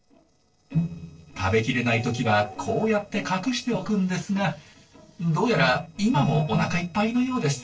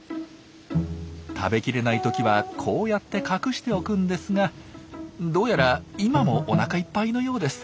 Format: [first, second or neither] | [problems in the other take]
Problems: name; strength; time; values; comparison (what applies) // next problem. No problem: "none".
second | noise reduction (neural separator model SepFormer DNS4)